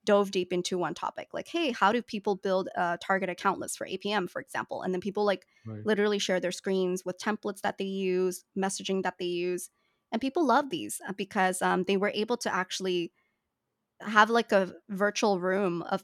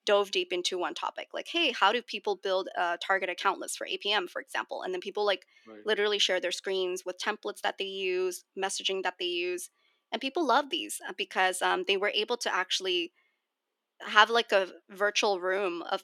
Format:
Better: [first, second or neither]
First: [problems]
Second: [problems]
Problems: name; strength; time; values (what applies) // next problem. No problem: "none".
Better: first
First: none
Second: thin; somewhat; fading below 300 Hz